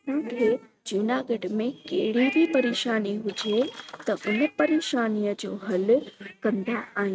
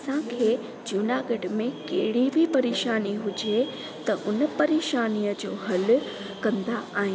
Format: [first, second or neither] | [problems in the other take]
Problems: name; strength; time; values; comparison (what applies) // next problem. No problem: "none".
second | noise reduction (neural mask model RNNoise)